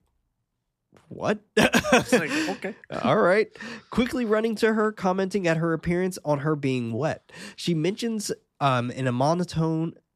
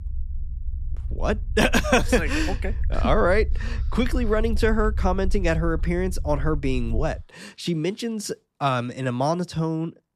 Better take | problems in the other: first | low rumble; faint; until 7 s; 25 dB below the speech

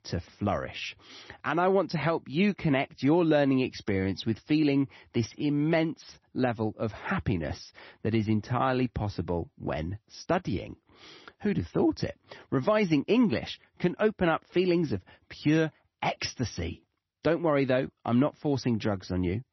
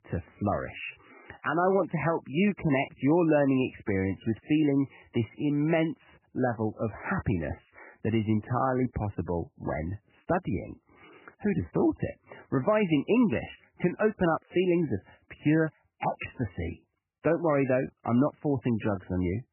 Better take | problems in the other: first | garbled, watery; badly; nothing above 3 kHz; slightly in the first

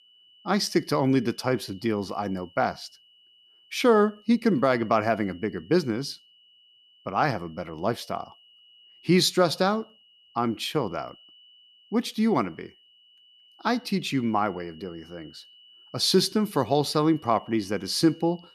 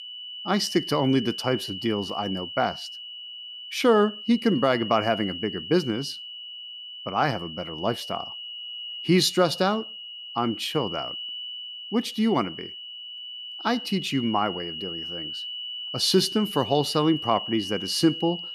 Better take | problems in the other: first | high-pitched whine; loud; throughout; 3 kHz, 9 dB below the speech; faint in the first

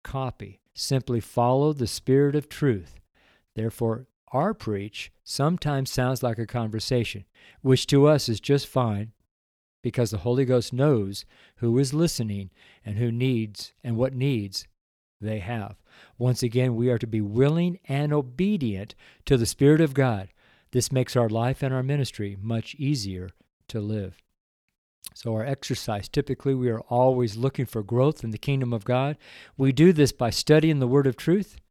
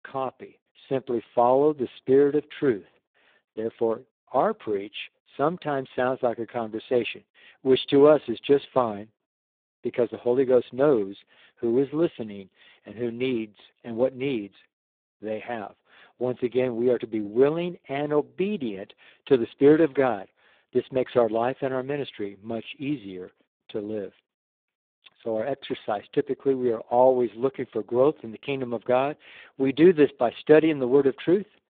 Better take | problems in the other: first | phone-call audio; poor line; nothing above 3.5 kHz

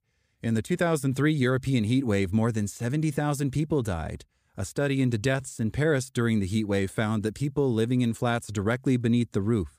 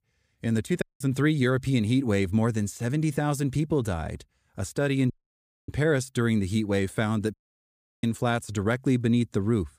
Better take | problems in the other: first | audio cutting out; at 1 s, at 5 s for 0.5 s and at 7.5 s for 0.5 s

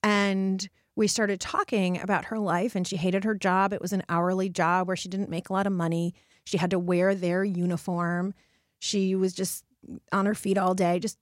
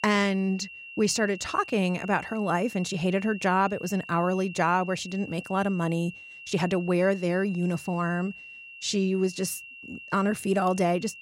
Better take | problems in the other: first | high-pitched whine; noticeable; throughout; 2.5 kHz, 15 dB below the speech

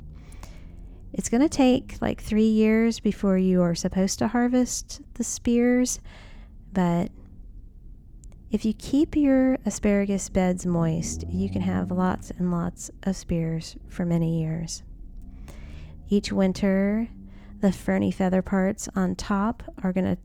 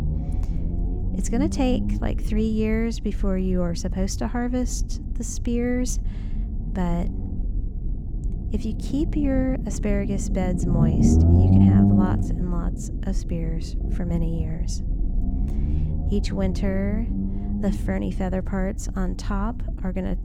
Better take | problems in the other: first | low rumble; loud; throughout; 3 dB below the speech; faint in the first

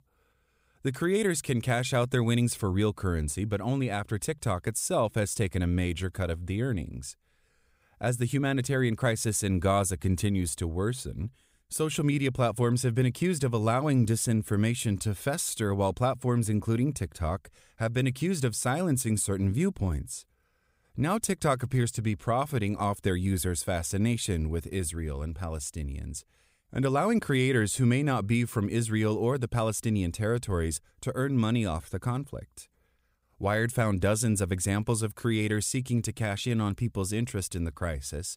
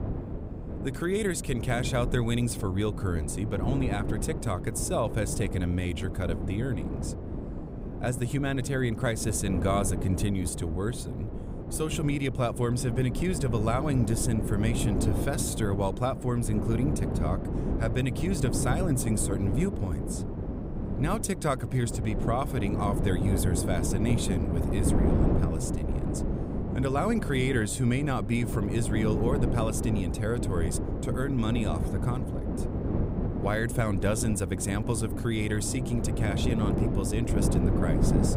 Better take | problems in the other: first | wind noise on the microphone; heavy; 5 dB below the speech

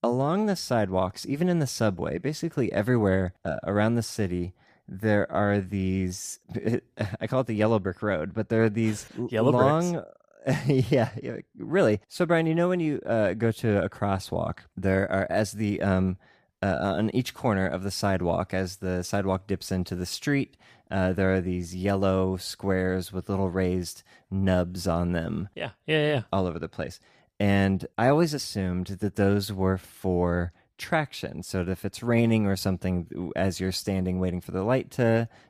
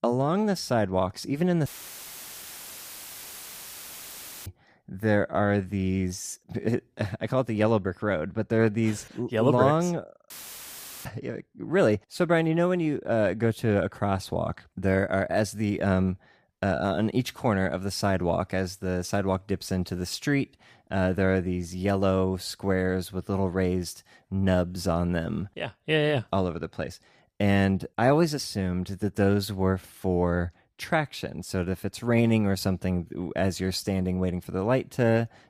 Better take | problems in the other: first | audio cutting out; filled with static; at 1.5 s for 3 s and at 10 s for 1 s

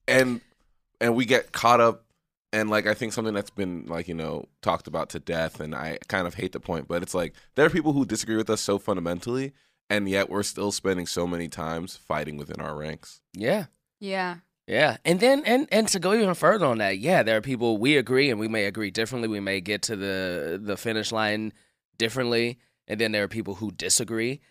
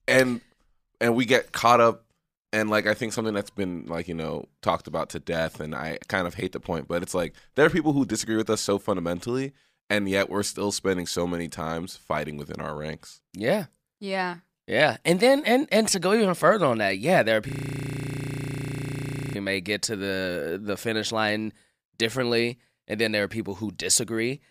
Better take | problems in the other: first | audio freezing; at 17 s for 2 s

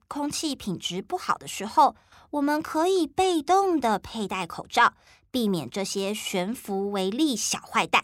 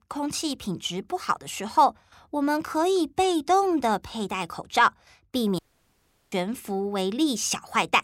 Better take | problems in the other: first | audio cutting out; at 5.5 s for 0.5 s

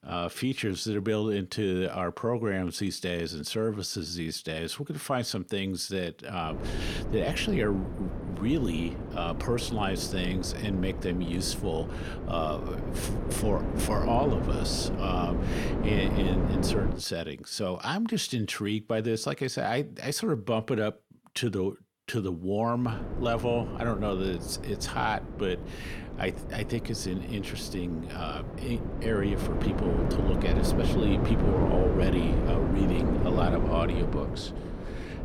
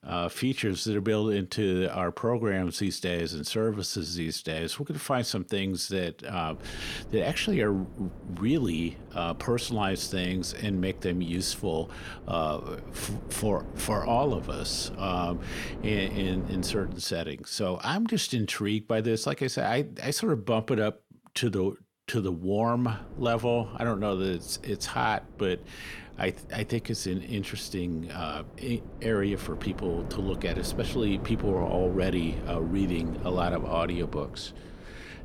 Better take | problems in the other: second | wind noise on the microphone; heavy; from 6.5 to 17 s and from 23 s on; 4 dB below the speech; occasional gusts in the second

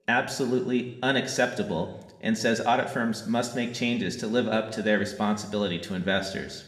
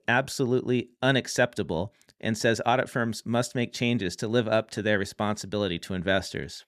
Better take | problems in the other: second | room echo; slight; dies away in 0.8 s

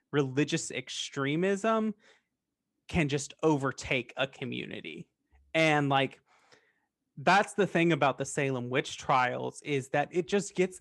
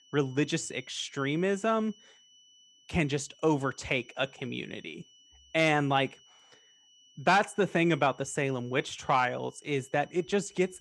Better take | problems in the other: first | high-pitched whine; faint; throughout; 3 kHz, 30 dB below the speech

